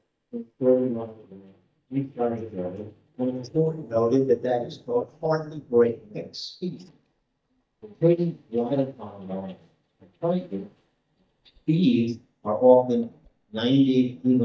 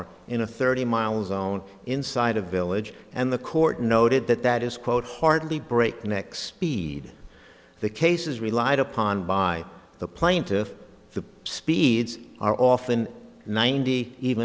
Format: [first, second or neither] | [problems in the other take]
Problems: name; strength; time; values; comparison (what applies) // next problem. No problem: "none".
second | noise reduction (neural mask model DeepFilterNet 3)